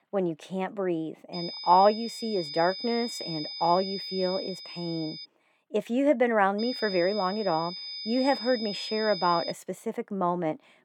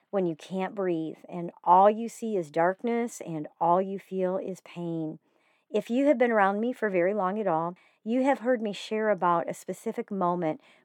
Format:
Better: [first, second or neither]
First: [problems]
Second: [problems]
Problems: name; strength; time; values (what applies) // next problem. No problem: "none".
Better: second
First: high-pitched whine; loud; from 1.5 to 5.5 s and from 6.5 to 9.5 s; 5 kHz, 8 dB below the speech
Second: none